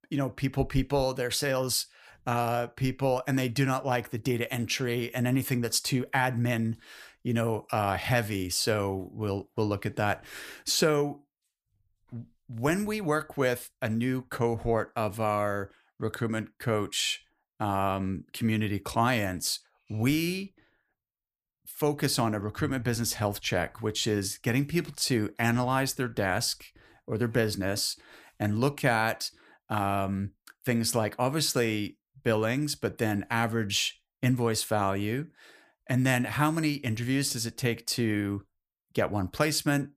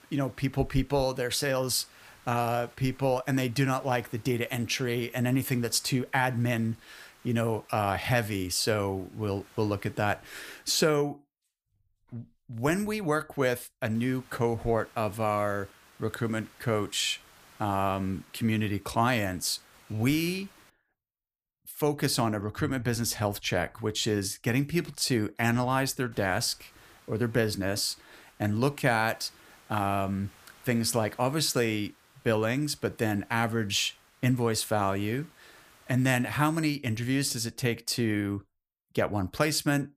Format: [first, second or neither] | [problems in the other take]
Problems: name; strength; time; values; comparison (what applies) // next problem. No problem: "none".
first | hiss; faint; until 11 s, from 14 to 21 s and from 26 to 36 s; 30 dB below the speech